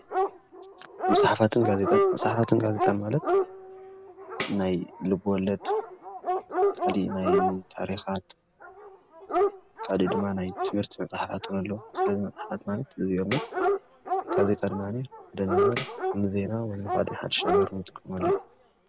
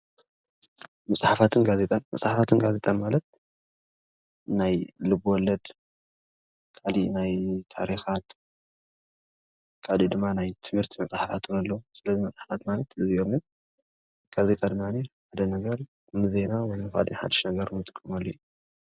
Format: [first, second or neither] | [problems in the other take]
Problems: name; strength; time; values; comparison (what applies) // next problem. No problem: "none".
second | background sound (Dog + Tambourine); as loud as the speech